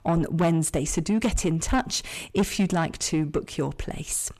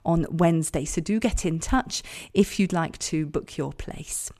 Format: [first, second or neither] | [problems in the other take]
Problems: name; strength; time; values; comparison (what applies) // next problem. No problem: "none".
second | distortion; slight; 10 dB below the speech